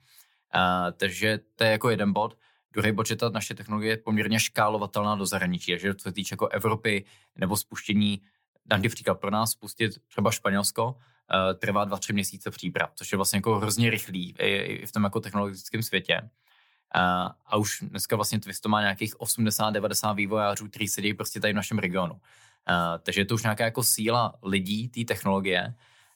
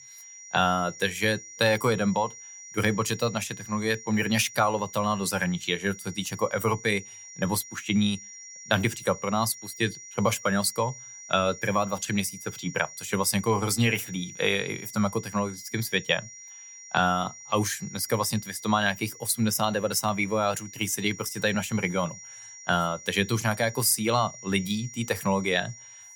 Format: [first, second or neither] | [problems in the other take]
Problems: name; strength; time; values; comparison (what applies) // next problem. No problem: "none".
first | high-pitched whine; noticeable; throughout; 5.5 kHz, 15 dB below the speech